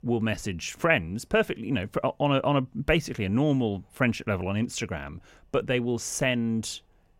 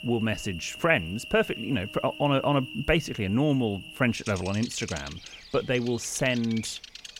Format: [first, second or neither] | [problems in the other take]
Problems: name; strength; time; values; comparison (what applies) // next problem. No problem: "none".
first | animal sounds; noticeable; throughout; 15 dB below the speech